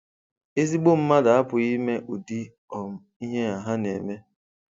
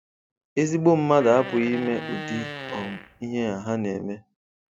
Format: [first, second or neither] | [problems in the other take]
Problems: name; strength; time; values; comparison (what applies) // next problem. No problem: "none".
first | background sound (Fart); 11 dB below the speech